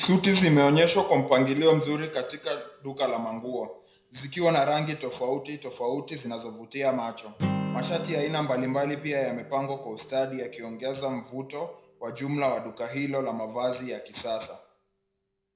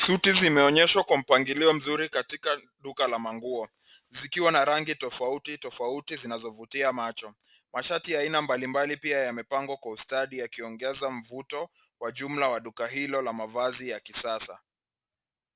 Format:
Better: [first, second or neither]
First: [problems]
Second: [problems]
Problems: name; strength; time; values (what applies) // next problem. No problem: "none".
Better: second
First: background sound (Acoustic guitar); 14 dB below the speech // room echo; dies away in 0.4 s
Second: none